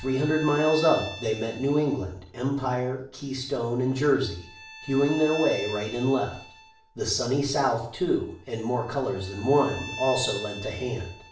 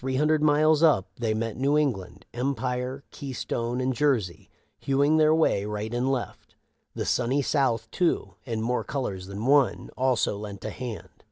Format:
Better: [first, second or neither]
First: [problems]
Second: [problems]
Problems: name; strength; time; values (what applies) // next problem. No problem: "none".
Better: second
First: background sound (Bowed string instrument); 15 dB below the speech // room echo; dies away in 0.5 s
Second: none